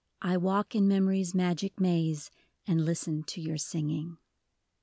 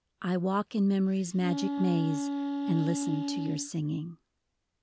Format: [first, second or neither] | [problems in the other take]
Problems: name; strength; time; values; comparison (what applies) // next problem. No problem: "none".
first | background sound (Wind instrument, woodwind instrument); 3 dB below the speech